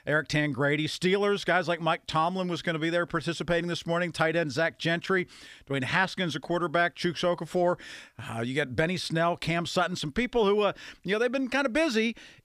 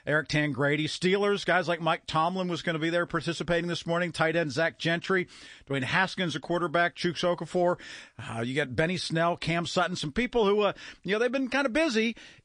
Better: first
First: none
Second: garbled, watery; slightly; nothing above 9 kHz

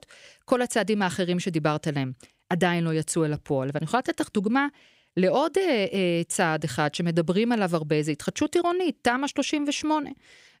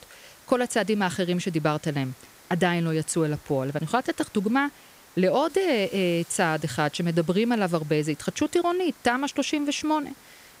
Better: first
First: none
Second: hiss; faint; throughout; 25 dB below the speech

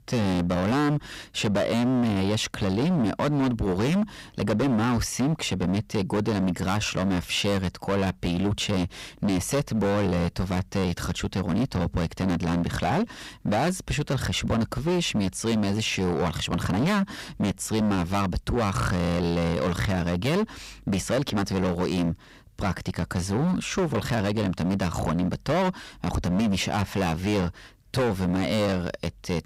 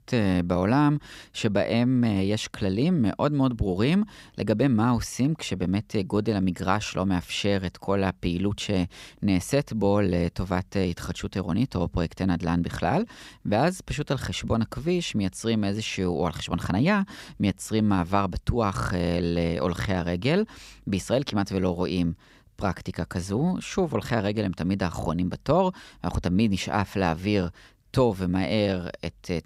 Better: second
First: distortion; heavy; 20% of the sound clipped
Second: none

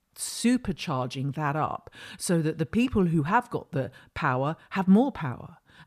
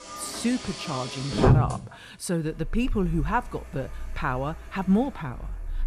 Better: first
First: none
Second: traffic noise; very loud; throughout; as loud as the speech

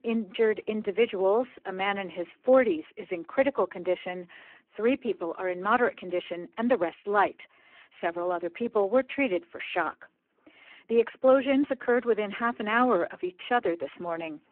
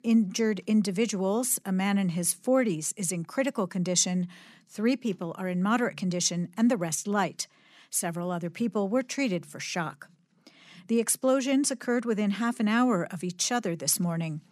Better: second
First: phone-call audio; poor line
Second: none

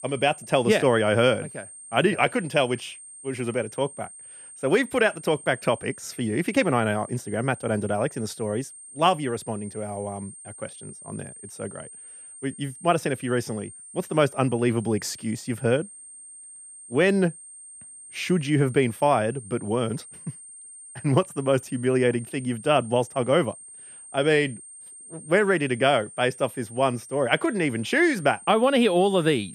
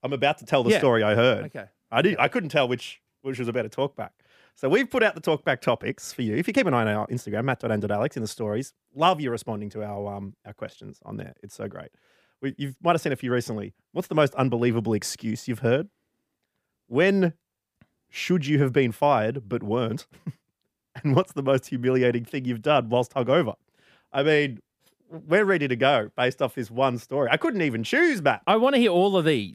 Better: second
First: high-pitched whine; noticeable; throughout; 8.5 kHz, 15 dB below the speech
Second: none

